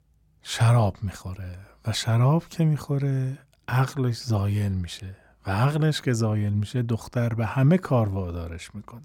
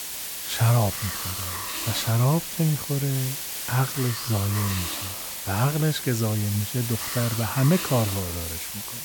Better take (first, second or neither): first